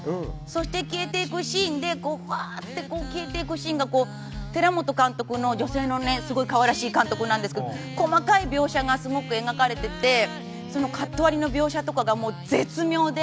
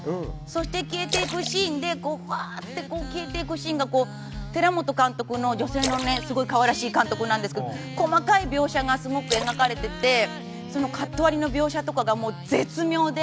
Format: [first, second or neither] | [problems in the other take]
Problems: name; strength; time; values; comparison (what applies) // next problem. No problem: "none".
first | background sound (Splash, splatter); 12 dB below the speech